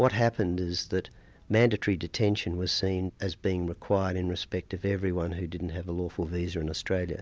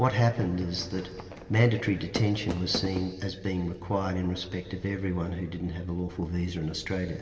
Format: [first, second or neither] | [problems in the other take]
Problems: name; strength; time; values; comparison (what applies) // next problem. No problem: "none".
first | background sound (Fireworks); 11 dB below the speech // room echo; dies away in 2.2 s